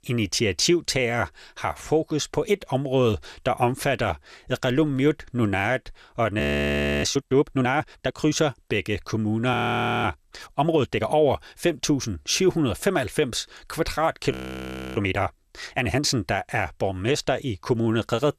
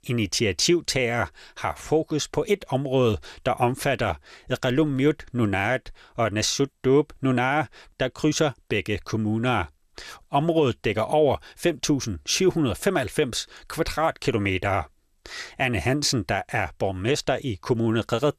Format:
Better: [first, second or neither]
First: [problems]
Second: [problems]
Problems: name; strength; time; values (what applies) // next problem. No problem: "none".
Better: second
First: audio freezing; at 6.5 s for 0.5 s, at 9.5 s for 0.5 s and at 14 s for 0.5 s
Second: none